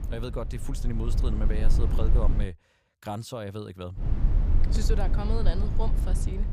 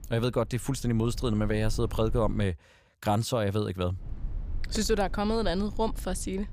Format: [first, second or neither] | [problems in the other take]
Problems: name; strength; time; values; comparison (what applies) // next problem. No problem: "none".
second | low rumble; loud; until 2.5 s and from 4 s on; 6 dB below the speech; faint in the second